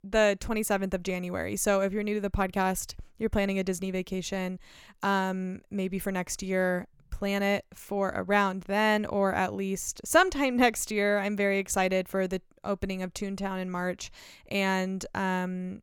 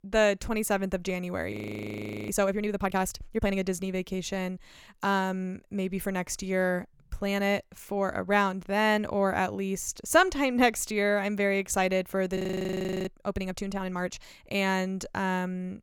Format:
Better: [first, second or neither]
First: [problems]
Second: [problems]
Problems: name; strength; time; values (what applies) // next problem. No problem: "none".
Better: first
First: none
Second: audio freezing; at 1.5 s for 0.5 s and at 12 s for 0.5 s